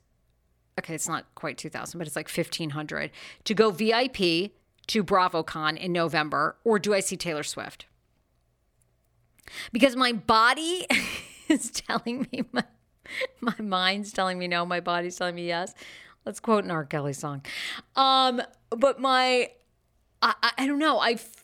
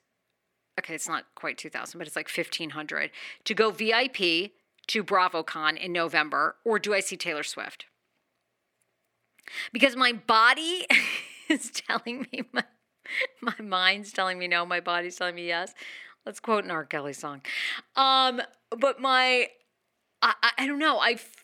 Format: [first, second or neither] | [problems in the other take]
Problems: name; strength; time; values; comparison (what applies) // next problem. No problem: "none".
first | thin; very slightly; fading below 250 Hz